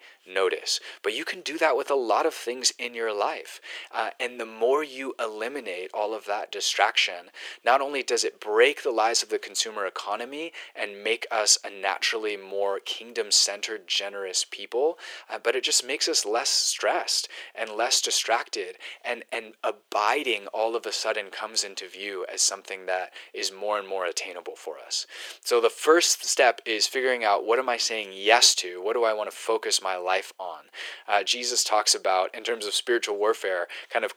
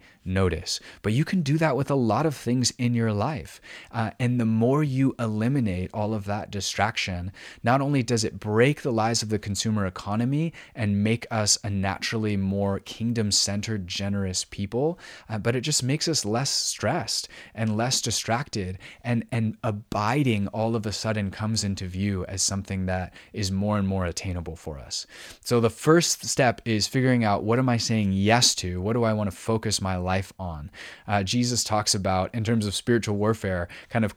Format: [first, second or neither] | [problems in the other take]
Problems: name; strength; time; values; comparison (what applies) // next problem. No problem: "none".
second | thin; very; fading below 400 Hz